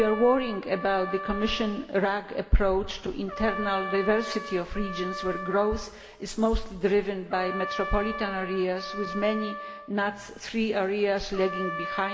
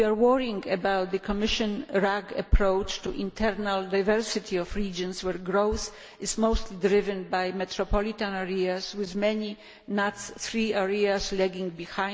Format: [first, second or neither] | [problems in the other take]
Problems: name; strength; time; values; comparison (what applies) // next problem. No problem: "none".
second | background sound (Trumpet); 10 dB below the speech // room echo; dies away in 1.3 s